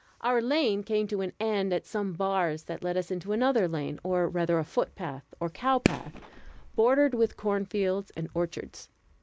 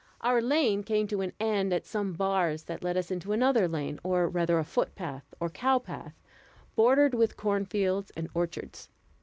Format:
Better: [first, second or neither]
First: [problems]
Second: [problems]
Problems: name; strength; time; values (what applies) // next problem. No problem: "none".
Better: second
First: background sound (Fireworks); 7 dB below the speech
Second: none